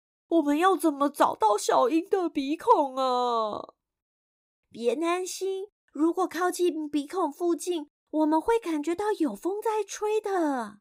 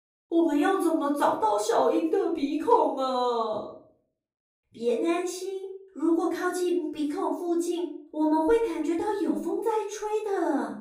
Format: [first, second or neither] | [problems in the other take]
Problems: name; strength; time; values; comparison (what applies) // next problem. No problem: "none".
first | off-mic speech; far // room echo; slight; dies away in 0.4 s